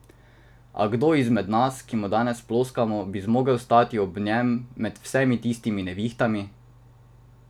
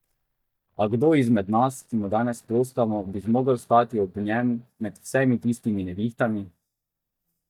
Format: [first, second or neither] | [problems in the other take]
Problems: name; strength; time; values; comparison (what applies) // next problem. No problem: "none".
first | noise reduction (neural mask model DeepFilterNet 3)